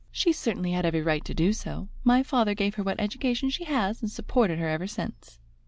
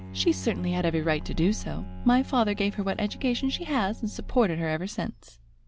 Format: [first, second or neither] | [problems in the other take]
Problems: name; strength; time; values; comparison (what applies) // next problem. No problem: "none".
first | background sound (Bowed string instrument); 15 dB below the speech